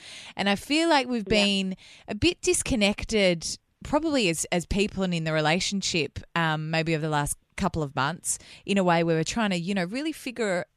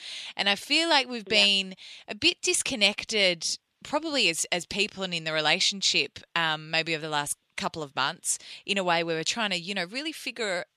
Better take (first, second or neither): first